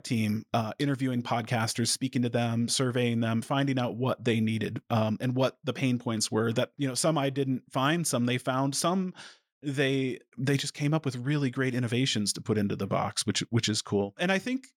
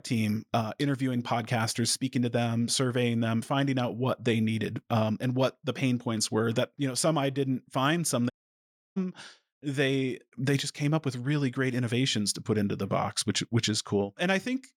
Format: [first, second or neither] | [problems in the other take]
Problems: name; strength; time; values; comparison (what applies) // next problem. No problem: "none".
first | audio cutting out; at 8.5 s for 0.5 s